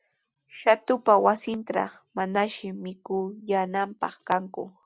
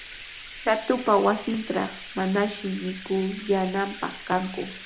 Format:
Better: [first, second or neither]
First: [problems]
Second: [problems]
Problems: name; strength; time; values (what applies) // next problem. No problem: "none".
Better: first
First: none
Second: background sound (Bathtub (filling or washing)); 15 dB below the speech // room echo; dies away in 0.4 s